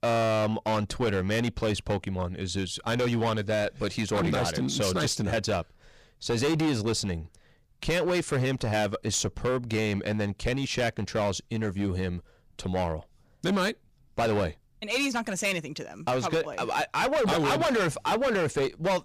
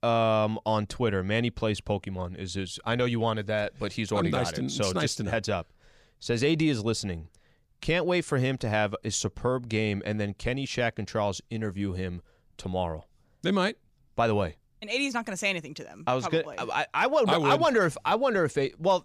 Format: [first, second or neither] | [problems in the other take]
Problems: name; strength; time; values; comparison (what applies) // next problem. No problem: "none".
second | distortion; heavy; 15% of the sound clipped